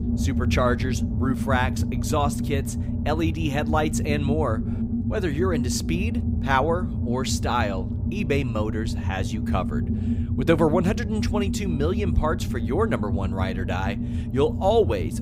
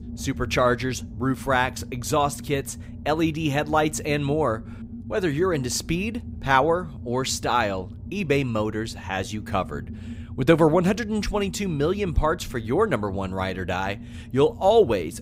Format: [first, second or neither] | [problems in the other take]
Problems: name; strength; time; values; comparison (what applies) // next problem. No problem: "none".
second | low rumble; loud; throughout; 9 dB below the speech; faint in the second